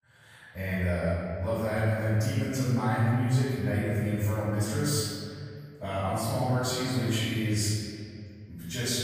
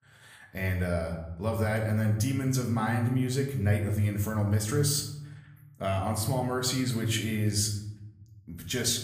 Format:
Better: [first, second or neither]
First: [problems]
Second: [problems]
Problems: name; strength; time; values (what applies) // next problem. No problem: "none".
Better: second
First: room echo; strong; dies away in 2.2 s // off-mic speech; far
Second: room echo; slight; dies away in 0.8 s // off-mic speech; somewhat distant